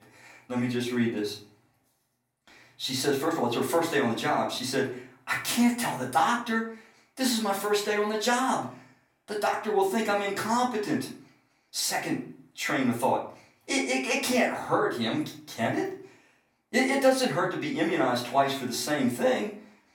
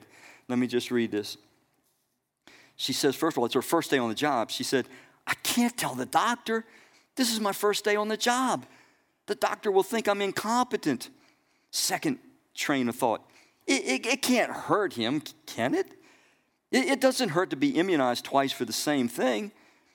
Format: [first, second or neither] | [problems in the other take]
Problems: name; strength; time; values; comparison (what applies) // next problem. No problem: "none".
second | off-mic speech; far // room echo; slight; dies away in 0.4 s